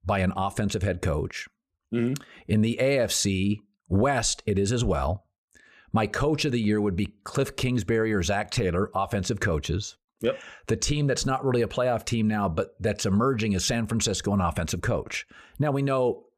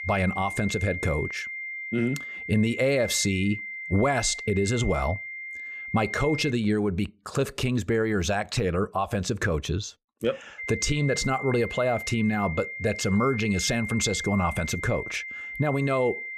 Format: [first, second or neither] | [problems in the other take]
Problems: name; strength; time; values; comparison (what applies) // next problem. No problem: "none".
first | high-pitched whine; loud; until 6.5 s and from 11 s on; 2 kHz, 7 dB below the speech